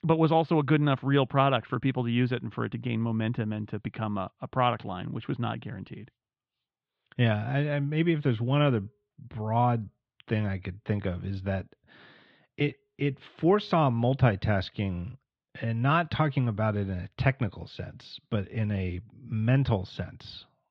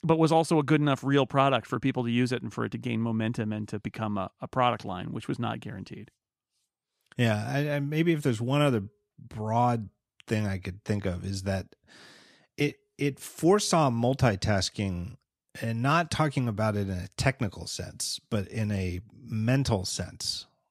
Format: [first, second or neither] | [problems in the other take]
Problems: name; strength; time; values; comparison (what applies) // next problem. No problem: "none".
second | muffled; very; fading above 3.5 kHz